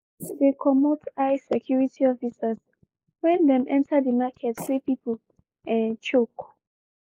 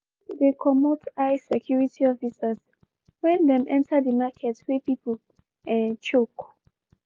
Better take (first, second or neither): second